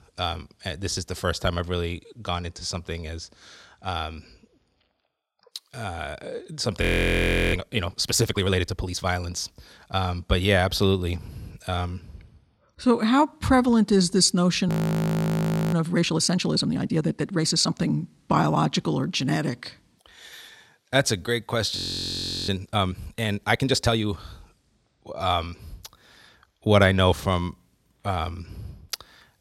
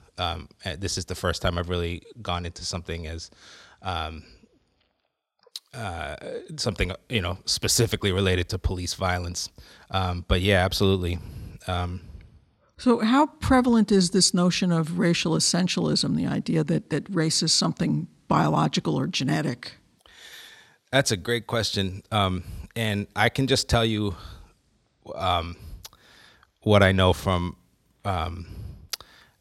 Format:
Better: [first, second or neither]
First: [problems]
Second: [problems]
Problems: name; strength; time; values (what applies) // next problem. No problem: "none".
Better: second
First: audio freezing; at 7 s for 0.5 s, at 15 s for 1 s and at 22 s for 0.5 s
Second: none